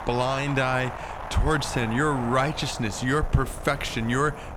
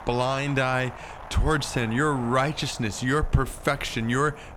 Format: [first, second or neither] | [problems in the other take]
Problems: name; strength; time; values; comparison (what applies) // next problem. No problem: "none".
second | wind noise on the microphone; heavy; 9 dB below the speech; occasional gusts in the second